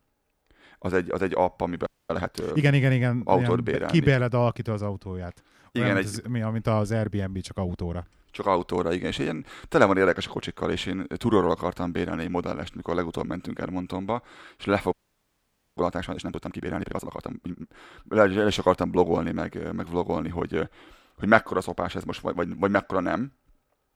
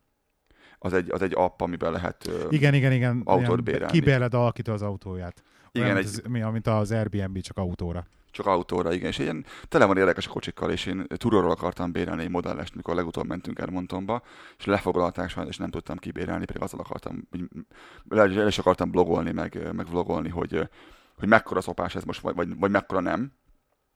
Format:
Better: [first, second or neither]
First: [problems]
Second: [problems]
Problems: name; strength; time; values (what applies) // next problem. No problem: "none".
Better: second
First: audio freezing; at 2 s and at 15 s for 1 s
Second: none